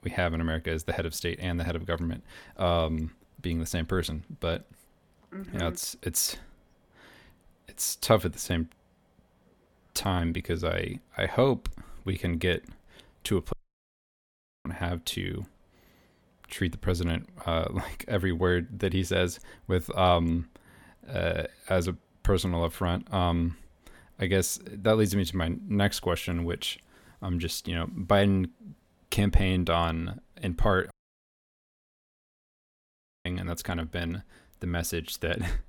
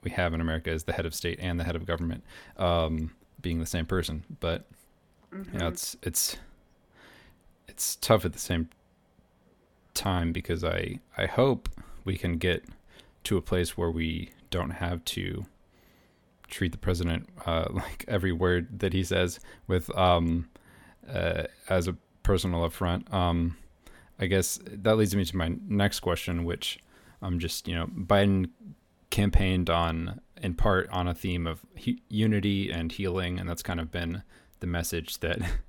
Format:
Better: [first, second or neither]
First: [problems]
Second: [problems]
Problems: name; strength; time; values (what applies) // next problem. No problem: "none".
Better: second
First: audio cutting out; at 14 s for 1 s and at 31 s for 2.5 s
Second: none